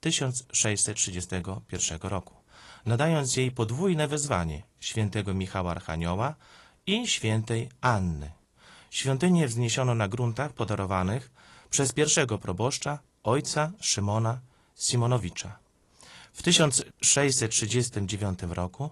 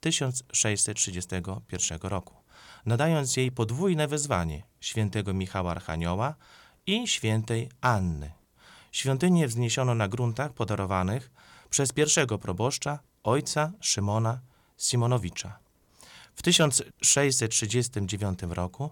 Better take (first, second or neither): second